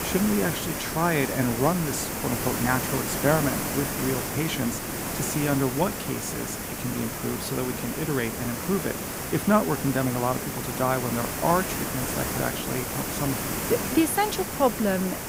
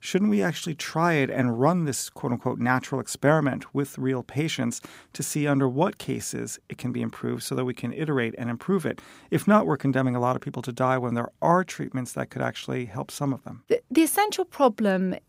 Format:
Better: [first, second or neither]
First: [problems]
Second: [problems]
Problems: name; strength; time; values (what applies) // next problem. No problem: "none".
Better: second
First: hiss; loud; throughout; 2 dB below the speech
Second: none